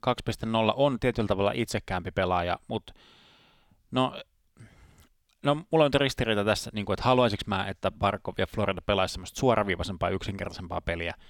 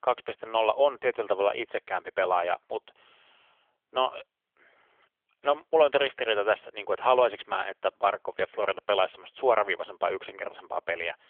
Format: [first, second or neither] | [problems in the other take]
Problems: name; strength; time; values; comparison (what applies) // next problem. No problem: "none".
first | phone-call audio; nothing above 3.5 kHz